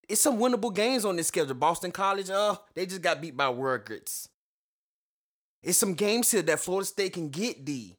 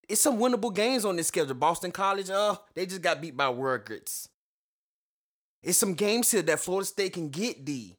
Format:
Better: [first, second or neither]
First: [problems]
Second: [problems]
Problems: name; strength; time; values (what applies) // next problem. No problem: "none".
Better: neither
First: none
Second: none